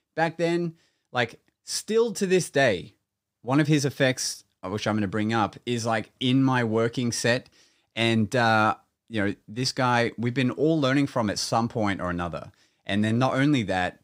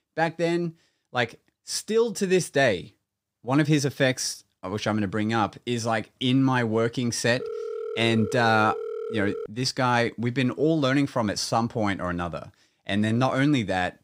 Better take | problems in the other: first | phone ringing; noticeable; from 7.5 to 9.5 s; peak 8 dB below the speech

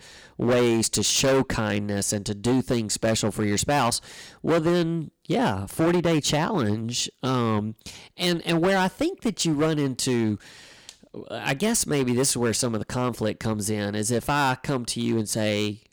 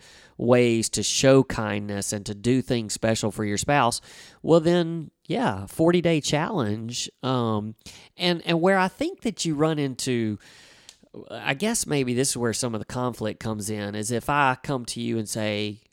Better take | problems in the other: second | distortion; heavy; 10% of the sound clipped

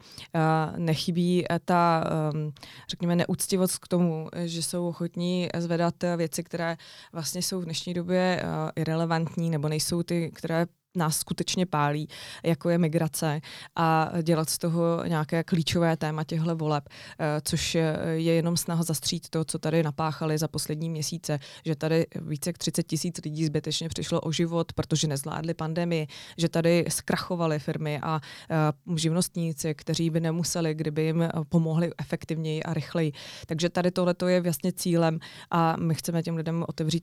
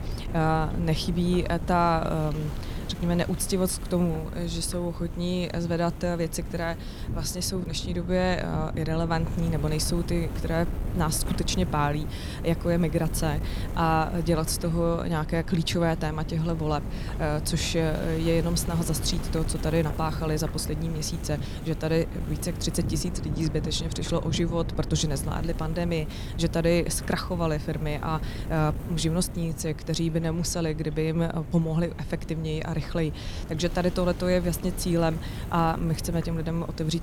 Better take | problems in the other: first | wind noise on the microphone; occasional gusts; 15 dB below the speech

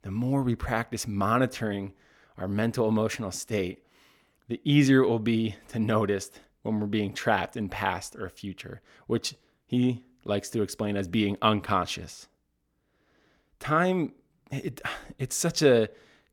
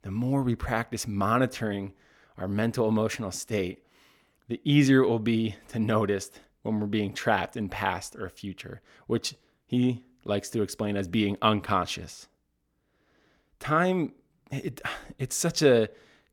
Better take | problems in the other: neither | none

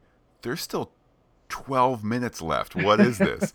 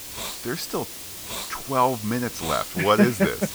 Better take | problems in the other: first | hiss; loud; throughout; 9 dB below the speech

